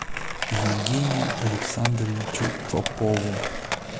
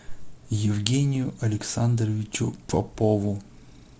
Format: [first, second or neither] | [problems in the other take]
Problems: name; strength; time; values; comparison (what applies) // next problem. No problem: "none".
second | background sound (Skateboard); 3 dB below the speech